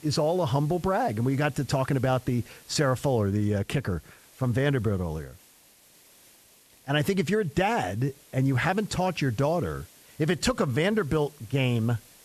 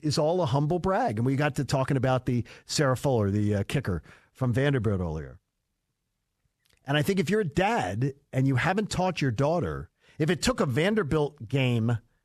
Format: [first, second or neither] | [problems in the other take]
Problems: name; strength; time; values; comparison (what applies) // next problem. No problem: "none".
second | hiss; faint; throughout; 25 dB below the speech